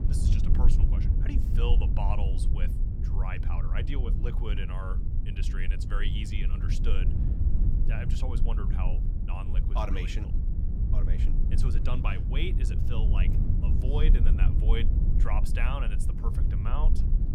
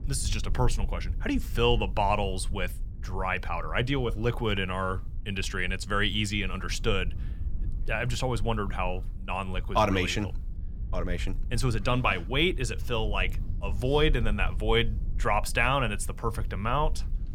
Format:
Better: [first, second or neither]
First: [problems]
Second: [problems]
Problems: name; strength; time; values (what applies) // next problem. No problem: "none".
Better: second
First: low rumble; loud; throughout; 5 dB below the speech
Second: low rumble; faint; throughout; 25 dB below the speech